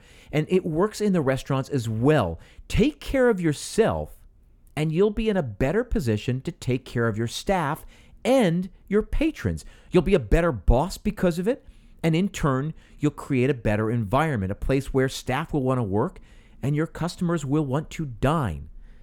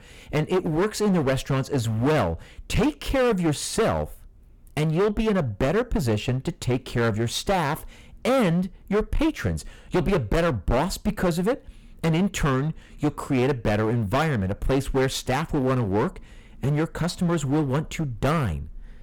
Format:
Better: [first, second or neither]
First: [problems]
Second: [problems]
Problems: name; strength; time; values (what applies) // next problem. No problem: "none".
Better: first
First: none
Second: distortion; heavy; 16% of the sound clipped